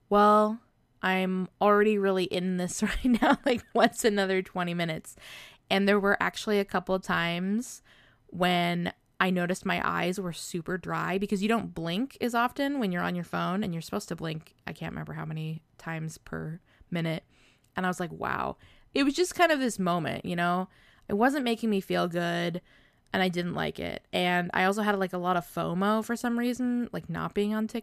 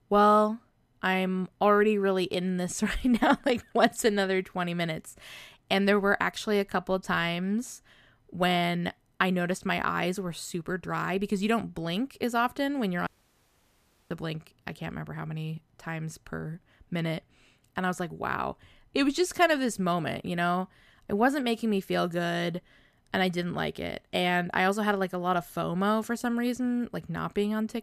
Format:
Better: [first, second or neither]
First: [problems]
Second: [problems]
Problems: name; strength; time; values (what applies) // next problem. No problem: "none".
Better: first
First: none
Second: audio cutting out; at 13 s for 1 s